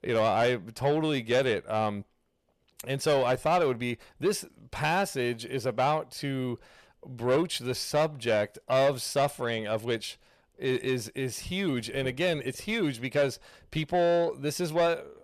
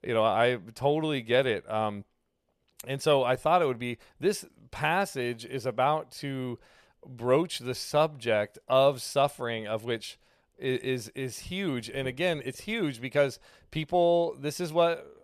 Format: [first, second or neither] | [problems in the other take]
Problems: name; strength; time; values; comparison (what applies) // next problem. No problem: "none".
second | distortion; slight; 10 dB below the speech